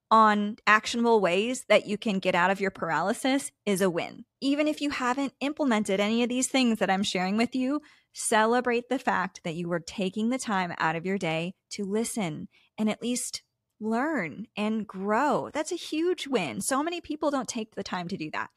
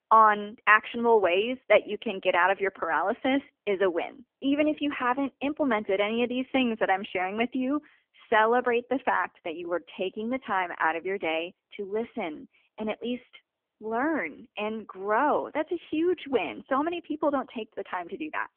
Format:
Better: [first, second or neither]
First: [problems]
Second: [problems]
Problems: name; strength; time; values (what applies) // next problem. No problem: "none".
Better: first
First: none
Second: phone-call audio; poor line; nothing above 3 kHz